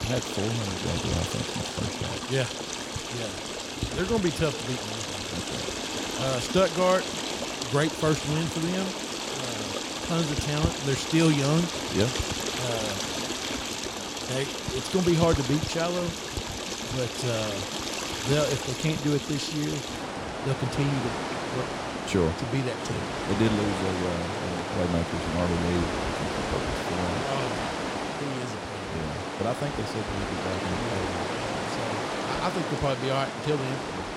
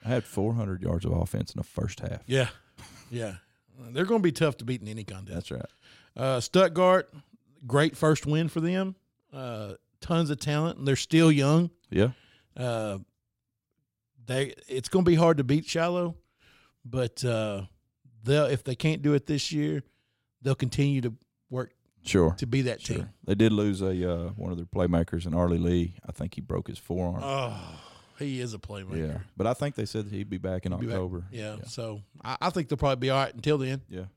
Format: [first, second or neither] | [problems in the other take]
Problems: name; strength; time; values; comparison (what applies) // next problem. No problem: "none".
second | rain or running water; loud; throughout; 1 dB below the speech